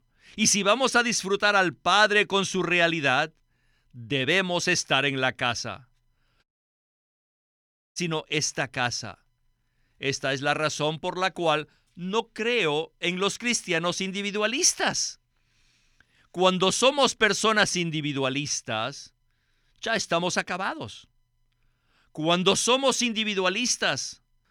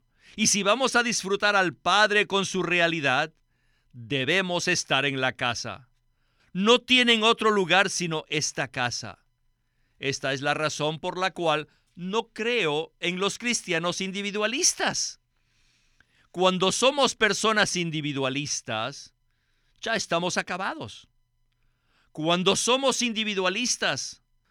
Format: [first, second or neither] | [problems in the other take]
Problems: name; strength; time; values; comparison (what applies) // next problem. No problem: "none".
second | audio cutting out; at 6.5 s for 1.5 s